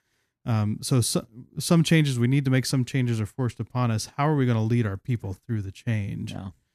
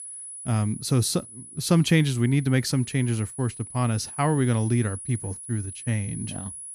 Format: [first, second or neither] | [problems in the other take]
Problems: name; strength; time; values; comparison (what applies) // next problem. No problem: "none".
first | high-pitched whine; noticeable; throughout; 10 kHz, 10 dB below the speech